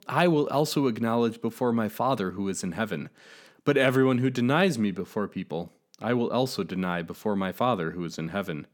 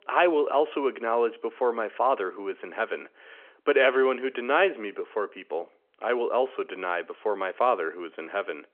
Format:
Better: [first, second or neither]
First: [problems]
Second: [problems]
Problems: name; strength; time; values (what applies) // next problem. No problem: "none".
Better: first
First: none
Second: phone-call audio